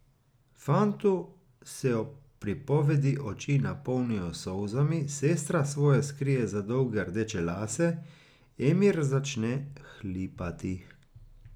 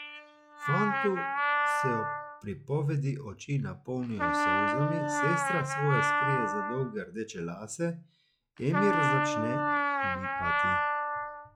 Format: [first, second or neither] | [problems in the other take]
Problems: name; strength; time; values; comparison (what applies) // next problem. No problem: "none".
first | noise reduction (classical method log-MMSE)